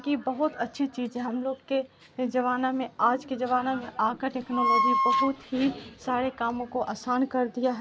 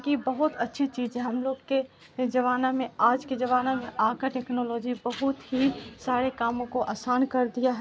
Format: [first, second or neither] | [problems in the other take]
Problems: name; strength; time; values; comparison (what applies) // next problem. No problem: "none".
second | background sound (Wind instrument, woodwind instrument); 2 dB above the speech